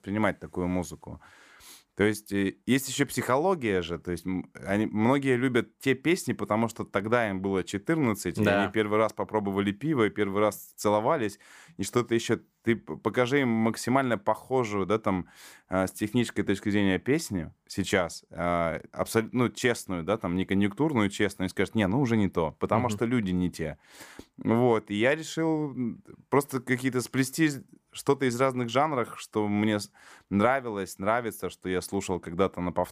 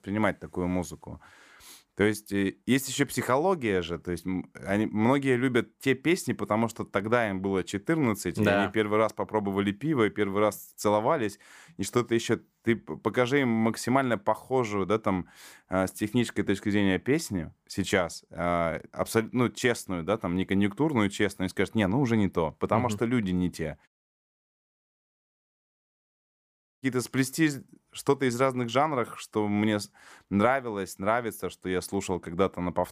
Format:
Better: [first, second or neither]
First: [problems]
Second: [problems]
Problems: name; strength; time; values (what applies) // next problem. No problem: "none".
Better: first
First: none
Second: audio cutting out; at 24 s for 3 s